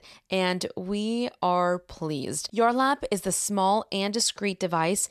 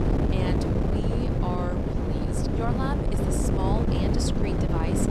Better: first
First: none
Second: wind noise on the microphone; heavy; 4 dB above the speech

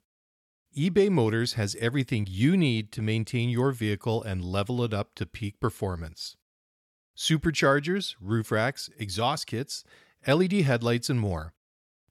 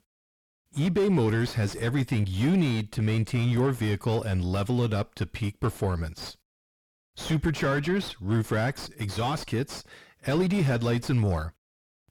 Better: first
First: none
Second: distortion; heavy; 6 dB below the speech

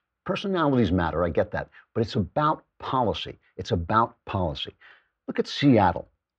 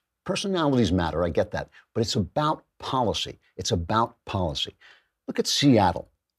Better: second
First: muffled; slightly; fading above 2.5 kHz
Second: none

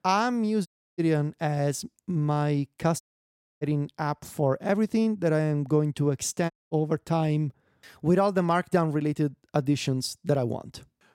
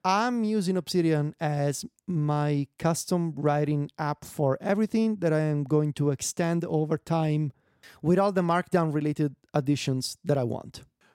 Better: second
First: audio cutting out; at 0.5 s, at 3 s for 0.5 s and at 6.5 s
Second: none

